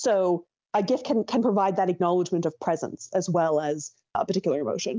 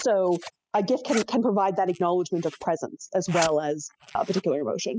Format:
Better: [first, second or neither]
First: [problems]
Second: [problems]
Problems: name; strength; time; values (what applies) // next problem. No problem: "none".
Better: first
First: none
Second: noise reduction (classical method spectral subtraction)